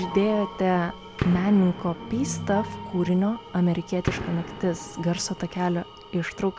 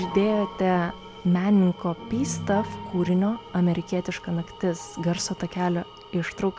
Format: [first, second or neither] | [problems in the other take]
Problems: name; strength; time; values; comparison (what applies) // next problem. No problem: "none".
second | background sound (Gunshot, gunfire); 12 dB below the speech